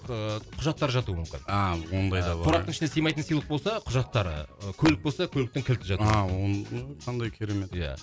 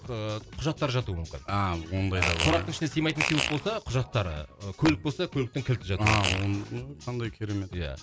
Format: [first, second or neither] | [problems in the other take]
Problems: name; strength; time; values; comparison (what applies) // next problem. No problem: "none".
first | background sound (Fart); 2 dB below the speech